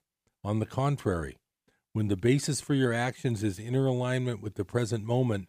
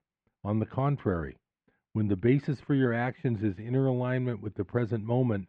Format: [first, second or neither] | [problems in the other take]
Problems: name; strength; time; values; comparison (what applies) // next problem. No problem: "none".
first | muffled; very; fading above 2.5 kHz